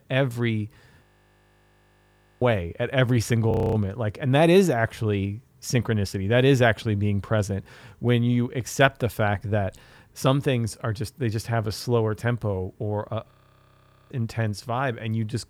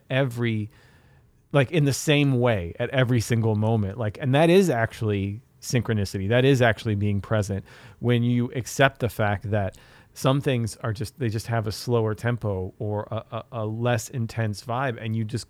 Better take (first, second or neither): second